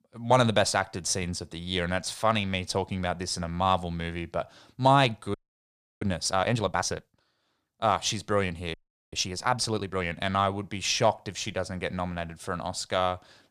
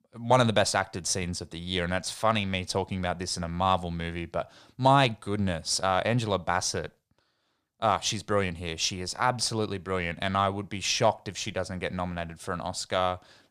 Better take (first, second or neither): second